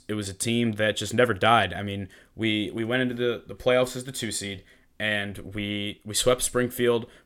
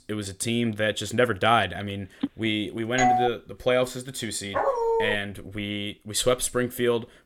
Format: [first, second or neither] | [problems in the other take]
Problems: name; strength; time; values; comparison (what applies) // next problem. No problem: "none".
first | phone ringing; noticeable; at 2 s; peak 8 dB below the speech // doorbell; loud; at 3 s; peak 4 dB above the speech // dog barking; loud; at 4.5 s; peak 2 dB above the speech